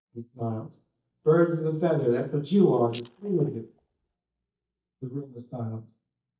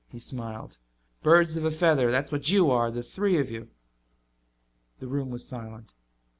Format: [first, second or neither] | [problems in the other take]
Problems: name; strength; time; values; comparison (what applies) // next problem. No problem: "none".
second | noise reduction (neural mask model DeepFilterNet 3)